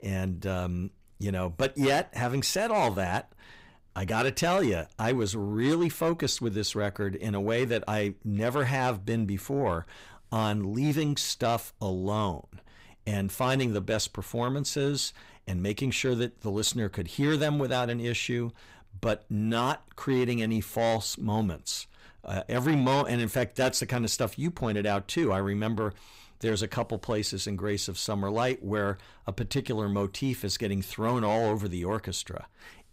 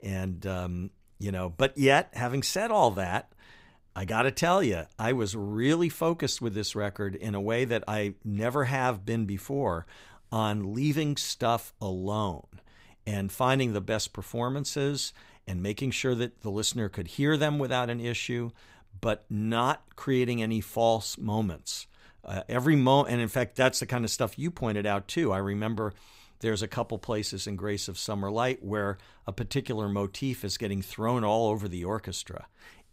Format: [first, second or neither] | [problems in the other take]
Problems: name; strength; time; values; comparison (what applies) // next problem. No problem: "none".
second | distortion; slight; 10 dB below the speech